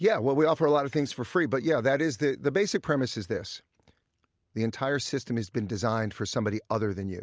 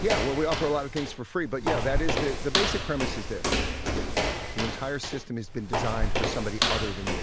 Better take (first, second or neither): first